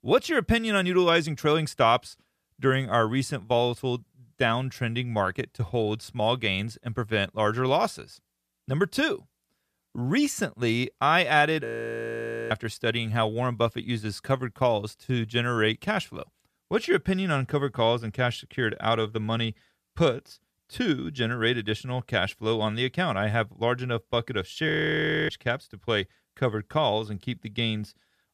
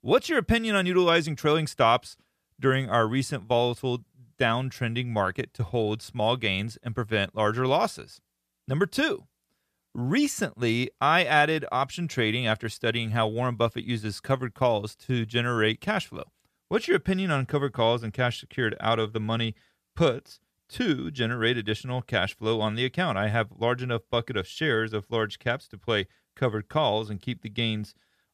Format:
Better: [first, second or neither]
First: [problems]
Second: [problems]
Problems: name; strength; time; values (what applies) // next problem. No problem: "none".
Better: second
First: audio freezing; at 12 s for 1 s and at 25 s for 0.5 s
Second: none